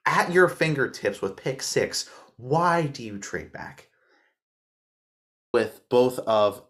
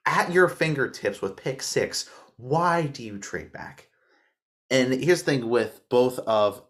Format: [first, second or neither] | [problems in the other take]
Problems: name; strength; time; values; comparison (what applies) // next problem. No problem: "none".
second | audio cutting out; at 4.5 s for 1 s